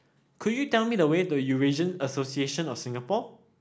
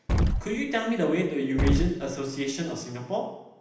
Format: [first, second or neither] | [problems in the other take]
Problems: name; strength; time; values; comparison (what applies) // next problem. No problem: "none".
first | background sound (Explosion); 1 dB above the speech // room echo; dies away in 0.9 s